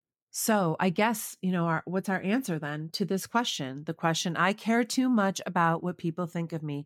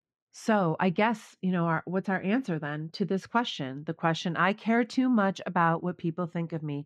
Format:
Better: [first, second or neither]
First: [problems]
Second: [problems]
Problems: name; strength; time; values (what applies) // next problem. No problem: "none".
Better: first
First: none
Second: muffled; slightly; fading above 3 kHz